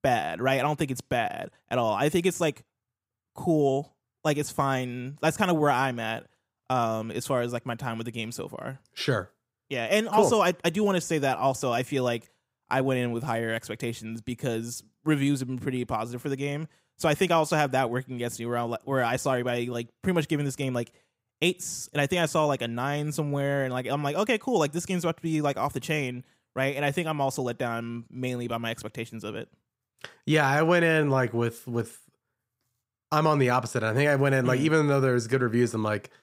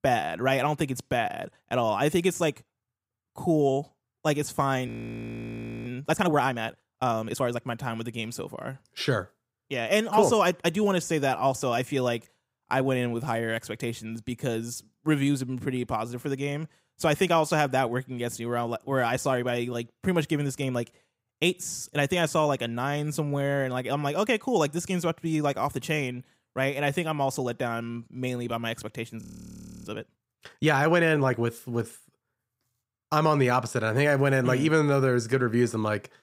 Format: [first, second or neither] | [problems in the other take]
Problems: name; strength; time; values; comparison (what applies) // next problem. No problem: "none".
first | audio freezing; at 5 s for 1 s and at 29 s for 0.5 s